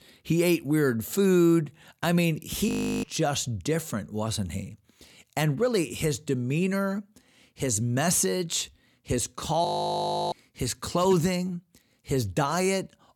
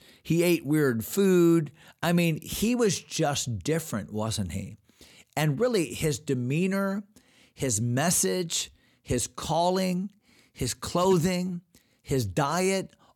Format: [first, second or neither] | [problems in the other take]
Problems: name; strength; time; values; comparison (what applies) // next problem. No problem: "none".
second | audio freezing; at 2.5 s and at 9.5 s for 0.5 s